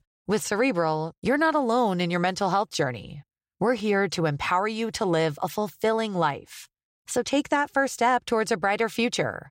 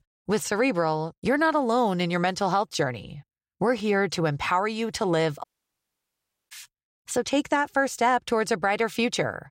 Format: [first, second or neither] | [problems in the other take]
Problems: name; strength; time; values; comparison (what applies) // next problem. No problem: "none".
first | audio cutting out; at 5.5 s for 1 s